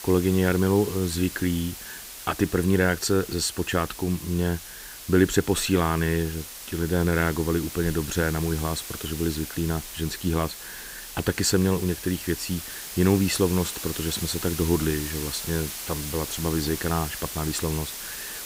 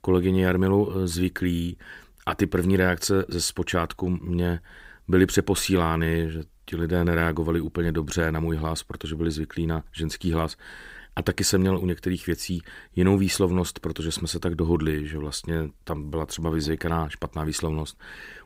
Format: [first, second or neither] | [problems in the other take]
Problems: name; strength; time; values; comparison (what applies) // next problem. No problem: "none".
second | hiss; loud; throughout; 9 dB below the speech